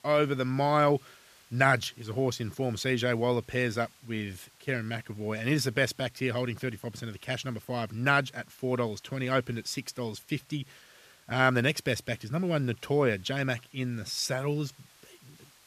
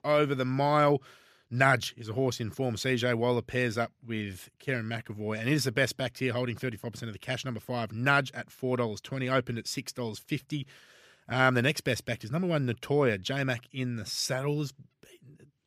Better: second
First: hiss; faint; throughout; 30 dB below the speech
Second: none

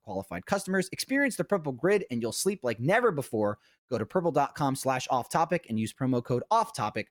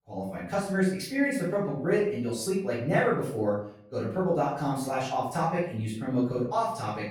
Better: first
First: none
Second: off-mic speech; far // room echo; noticeable; dies away in 0.5 s

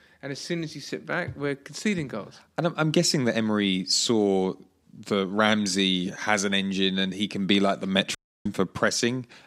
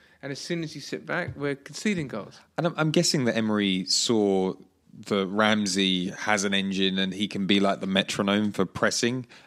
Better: second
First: audio cutting out; at 8 s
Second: none

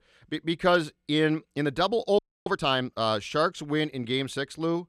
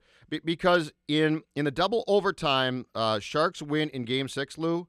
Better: second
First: audio freezing; at 2 s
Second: none

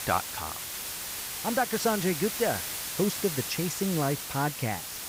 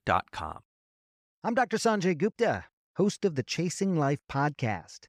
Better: second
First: hiss; loud; throughout; 3 dB below the speech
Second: none

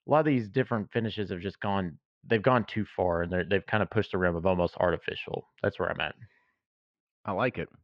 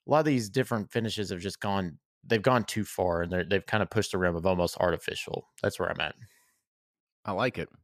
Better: second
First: muffled; very; fading above 3 kHz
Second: none

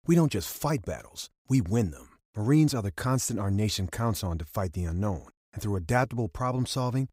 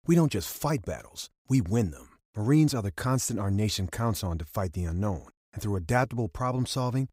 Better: neither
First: none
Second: none

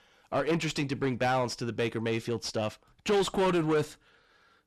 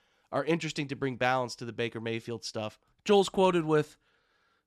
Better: second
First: distortion; heavy; 6 dB below the speech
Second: none

